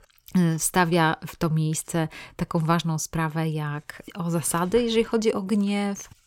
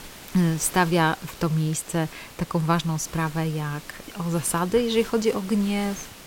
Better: first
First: none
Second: hiss; noticeable; throughout; 15 dB below the speech

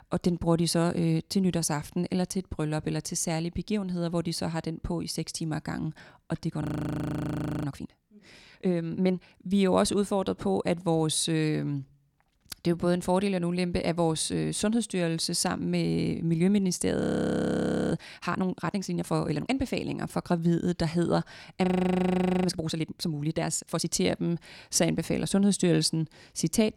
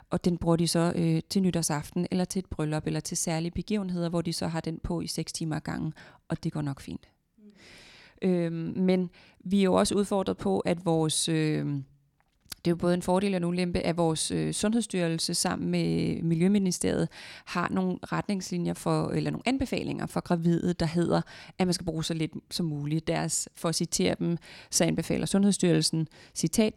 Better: second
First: audio freezing; at 6.5 s for 1 s, at 17 s for 1 s and at 22 s for 1 s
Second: none

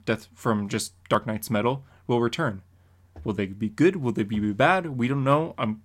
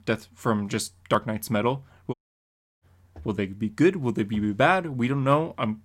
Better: first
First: none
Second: audio cutting out; at 2 s for 0.5 s

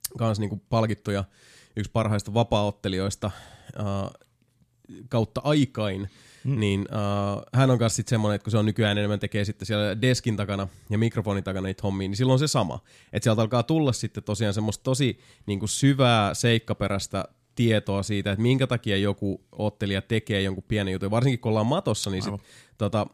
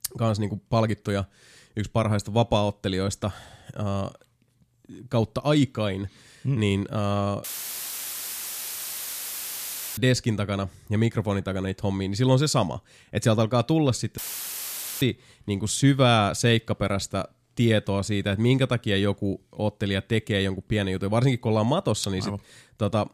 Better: first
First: none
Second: audio cutting out; filled with static; at 7.5 s for 2.5 s and at 14 s for 1 s

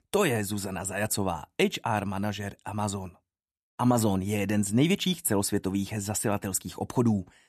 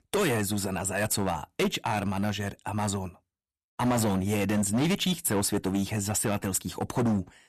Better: first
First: none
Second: distortion; heavy; 11% of the sound clipped

